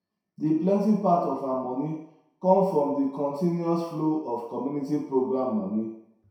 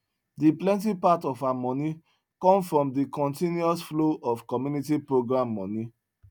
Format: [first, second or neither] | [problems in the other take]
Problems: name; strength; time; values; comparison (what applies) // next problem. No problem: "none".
second | room echo; dies away in 0.7 s